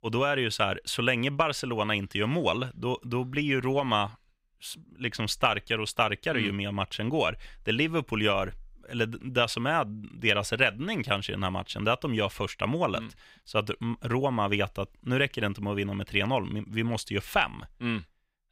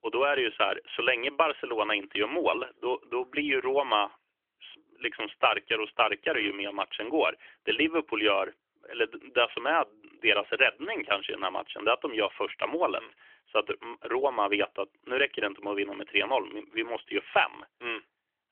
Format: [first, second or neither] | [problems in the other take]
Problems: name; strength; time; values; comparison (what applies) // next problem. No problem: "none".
first | phone-call audio; nothing above 3.5 kHz